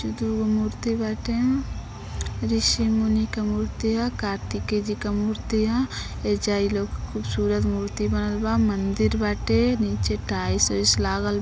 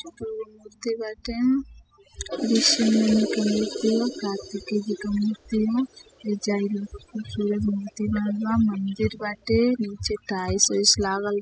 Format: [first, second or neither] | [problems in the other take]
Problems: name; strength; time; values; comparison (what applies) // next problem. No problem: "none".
first | noise reduction (classical method spectral subtraction)